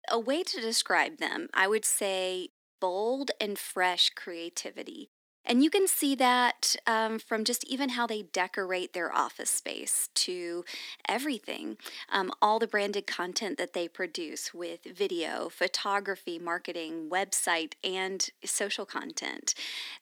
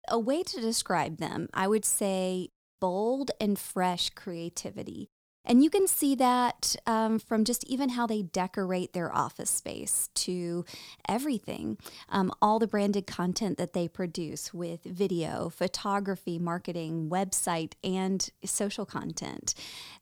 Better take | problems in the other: second | thin; very slightly; fading below 250 Hz

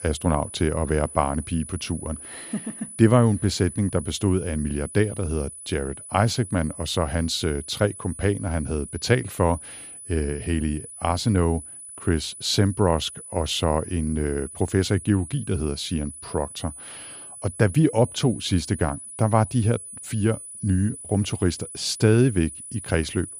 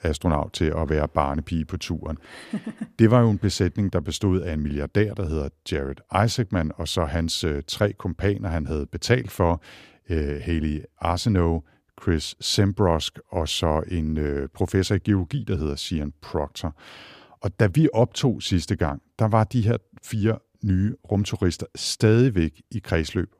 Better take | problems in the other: second | high-pitched whine; noticeable; throughout; 10 kHz, 15 dB below the speech

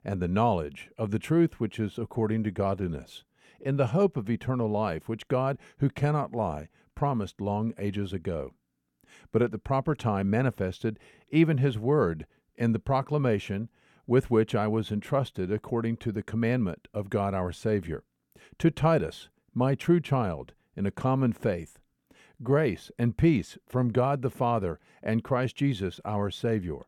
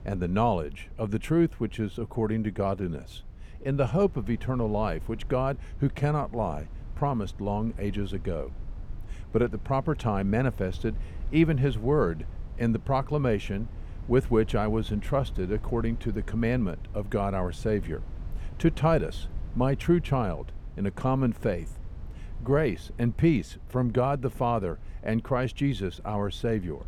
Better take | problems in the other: first | low rumble; faint; throughout; 25 dB below the speech

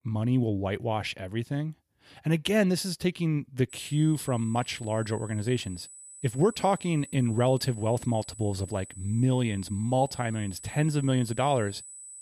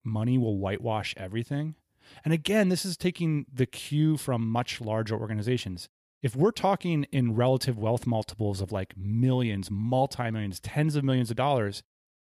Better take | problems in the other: second | high-pitched whine; noticeable; from 3.5 s on; 8 kHz, 15 dB below the speech

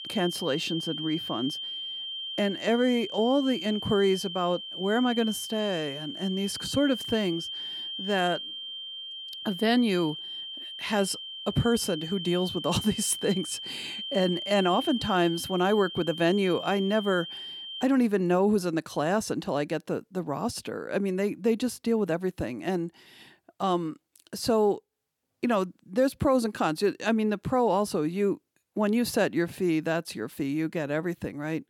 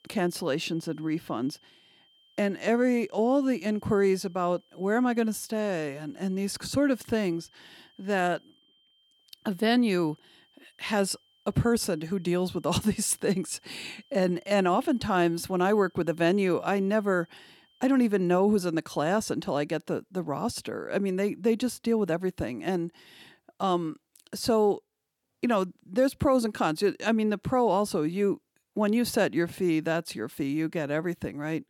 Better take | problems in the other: second | high-pitched whine; loud; until 18 s; 3 kHz, 7 dB below the speech; faint in the second

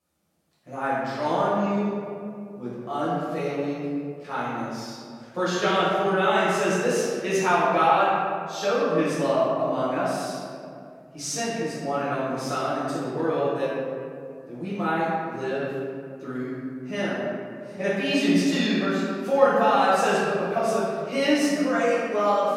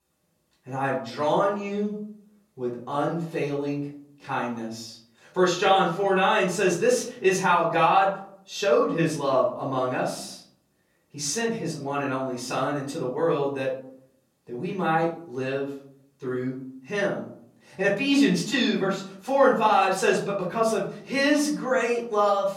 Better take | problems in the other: second | room echo; strong; dies away in 2.2 s; slight in the second // off-mic speech; far; far in the second

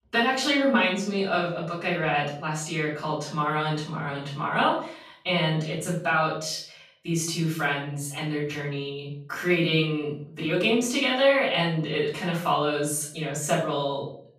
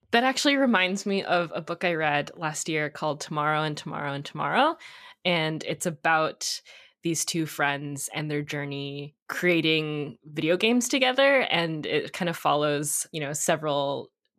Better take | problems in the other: second | off-mic speech; far // room echo; noticeable; dies away in 0.5 s

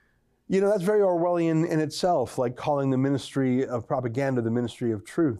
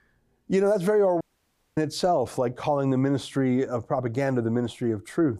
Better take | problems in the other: first | audio cutting out; at 1 s for 0.5 s

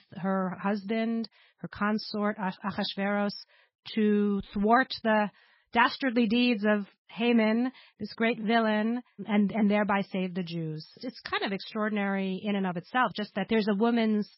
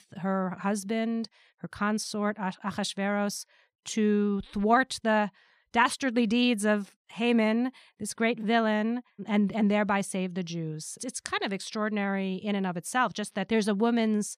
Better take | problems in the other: second | garbled, watery; badly; nothing above 5.5 kHz

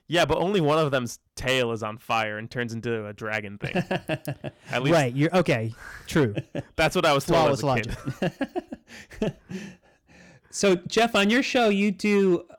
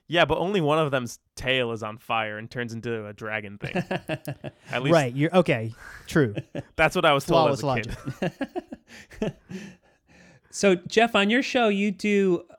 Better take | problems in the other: second | distortion; slight; 4% of the sound clipped

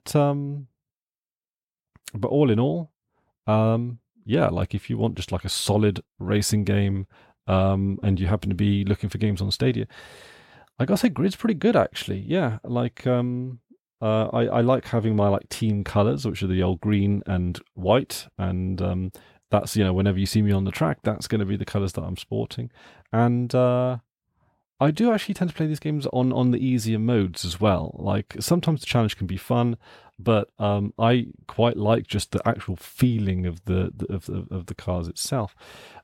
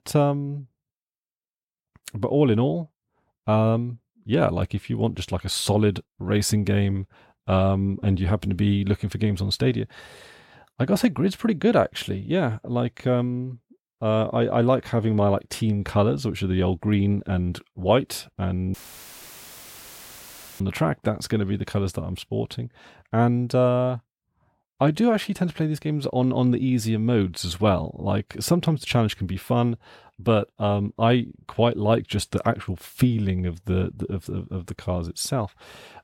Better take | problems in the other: first | audio cutting out; filled with static; at 19 s for 2 s

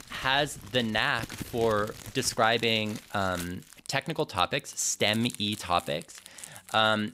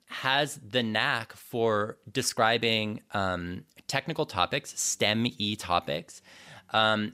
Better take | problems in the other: second | household noises; noticeable; throughout; 15 dB below the speech

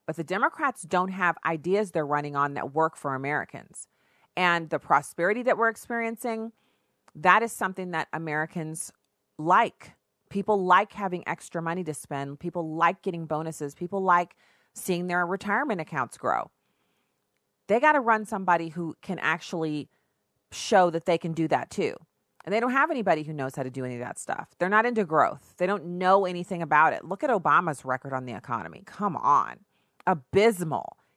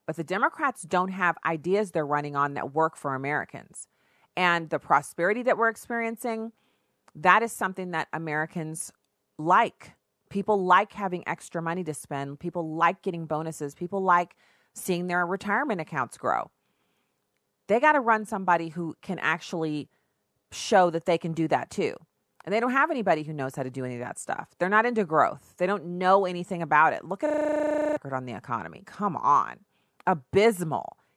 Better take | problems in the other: first | audio freezing; at 27 s for 0.5 s

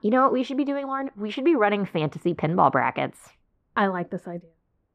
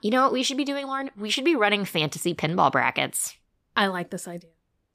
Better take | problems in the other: second | muffled; very; fading above 3 kHz

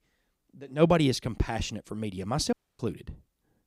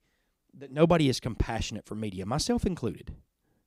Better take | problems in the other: second | audio cutting out; at 2.5 s

